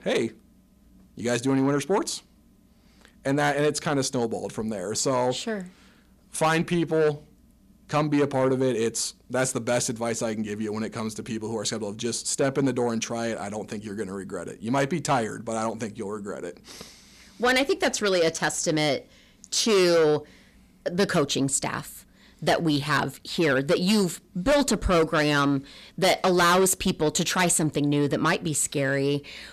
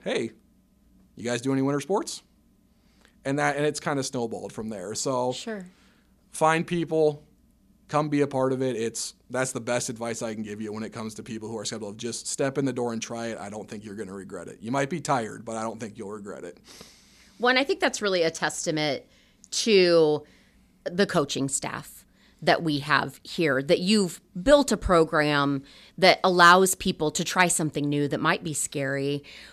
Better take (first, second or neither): second